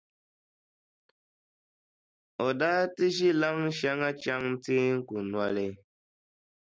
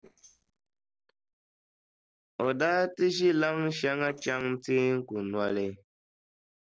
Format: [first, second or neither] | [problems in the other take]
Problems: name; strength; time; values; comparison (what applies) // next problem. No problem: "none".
first | noise reduction (neural separator model SepFormer DNS4)